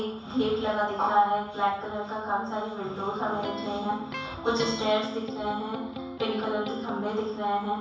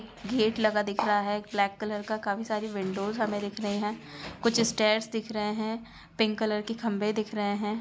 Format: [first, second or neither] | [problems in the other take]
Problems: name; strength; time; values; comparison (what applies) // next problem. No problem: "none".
second | background sound (Electric guitar); 9 dB below the speech // room echo; dies away in 0.7 s